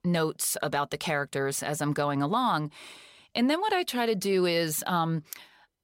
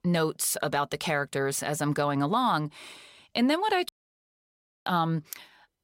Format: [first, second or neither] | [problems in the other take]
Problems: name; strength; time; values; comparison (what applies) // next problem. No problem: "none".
first | audio cutting out; at 4 s for 1 s